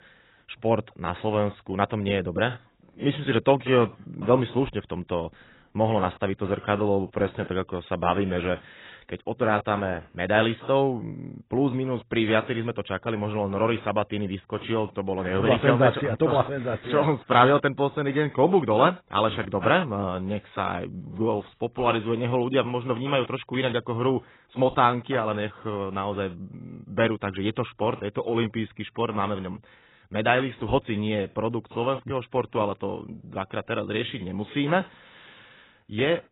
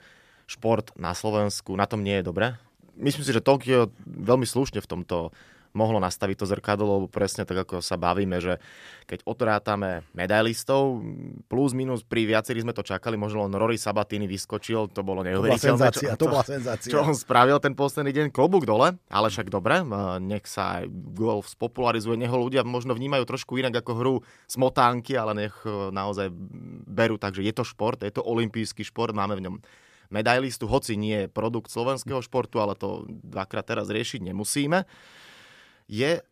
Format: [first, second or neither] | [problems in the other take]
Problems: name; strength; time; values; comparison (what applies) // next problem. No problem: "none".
second | garbled, watery; badly; nothing above 4 kHz